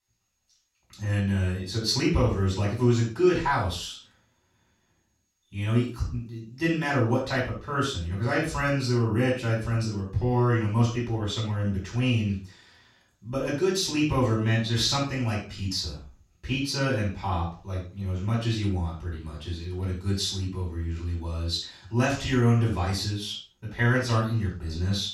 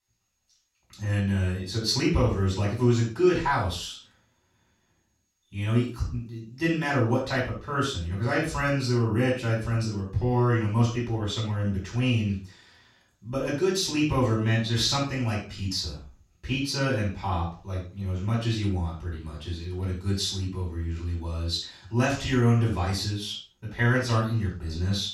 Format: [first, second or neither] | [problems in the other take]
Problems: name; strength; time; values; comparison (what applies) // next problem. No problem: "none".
neither | room echo; noticeable; dies away in 0.3 s; the same in both // off-mic speech; far; the same in both